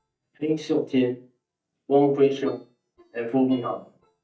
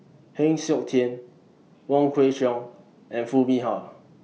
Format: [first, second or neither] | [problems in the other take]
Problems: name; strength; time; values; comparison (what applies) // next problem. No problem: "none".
second | noise reduction (neural mask model DeepFilterNet 3)